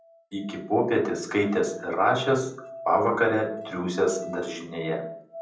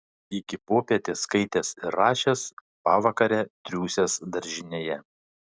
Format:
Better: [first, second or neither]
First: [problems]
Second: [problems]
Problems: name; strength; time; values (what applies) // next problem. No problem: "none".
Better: second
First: background sound (Musical instrument); 15 dB below the speech // room echo; dies away in 0.6 s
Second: none